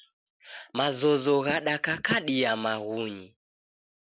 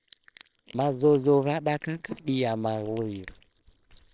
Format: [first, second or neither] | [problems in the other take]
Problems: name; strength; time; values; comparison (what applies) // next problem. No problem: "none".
first | noise reduction (neural separator model SepFormer WHAMR!)